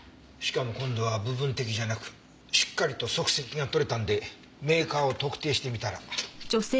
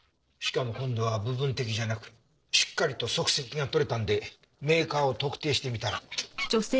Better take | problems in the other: first | noise reduction (neural separator model SepFormer DNS4)

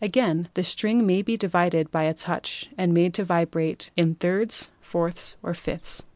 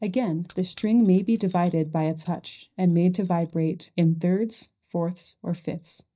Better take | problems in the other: first | noise reduction (neural mask model DeepFilterNet 3)

